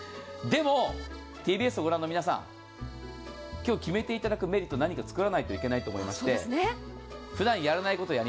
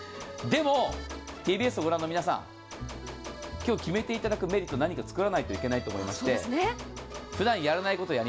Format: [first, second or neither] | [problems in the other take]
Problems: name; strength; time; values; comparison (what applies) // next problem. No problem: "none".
first | background sound (Gunshot, gunfire); 15 dB below the speech